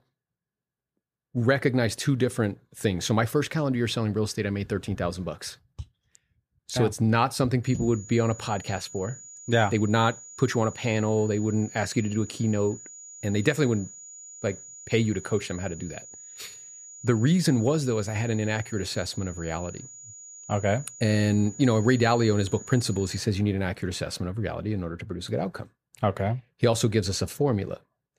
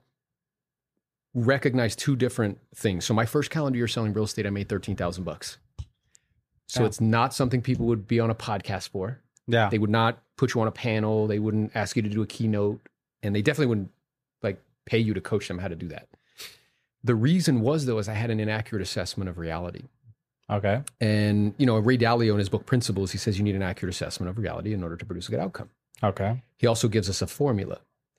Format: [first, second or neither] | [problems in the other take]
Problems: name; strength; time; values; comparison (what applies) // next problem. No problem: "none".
second | high-pitched whine; noticeable; from 7.5 to 23 s; 7 kHz, 15 dB below the speech